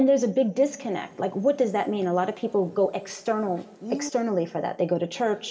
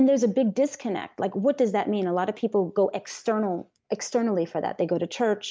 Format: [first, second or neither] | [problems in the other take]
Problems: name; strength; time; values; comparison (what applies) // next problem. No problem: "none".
second | background sound (Bird); 17 dB below the speech // room echo; dies away in 1.5 s